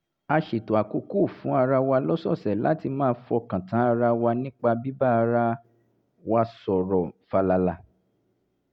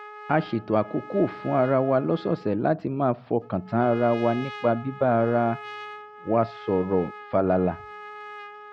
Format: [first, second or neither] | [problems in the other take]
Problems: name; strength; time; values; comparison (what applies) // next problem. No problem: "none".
first | background sound (Trumpet); 16 dB below the speech